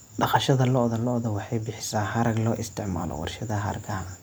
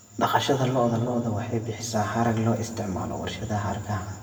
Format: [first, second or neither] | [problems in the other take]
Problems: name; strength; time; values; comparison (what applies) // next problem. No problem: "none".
first | room echo; dies away in 1.8 s